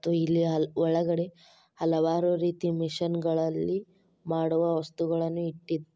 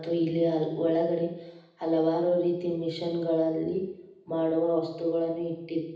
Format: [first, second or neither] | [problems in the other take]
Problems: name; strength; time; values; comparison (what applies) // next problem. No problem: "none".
first | room echo; dies away in 0.9 s